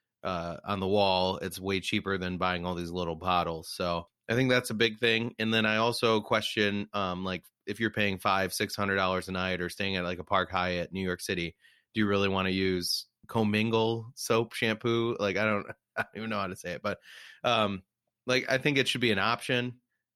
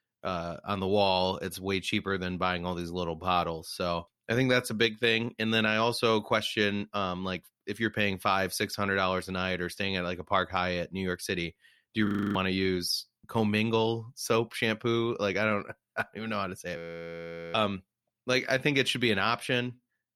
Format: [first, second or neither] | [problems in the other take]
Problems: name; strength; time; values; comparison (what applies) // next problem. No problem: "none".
first | audio freezing; at 12 s and at 17 s for 1 s